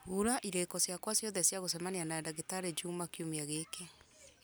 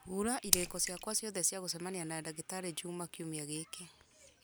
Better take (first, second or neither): first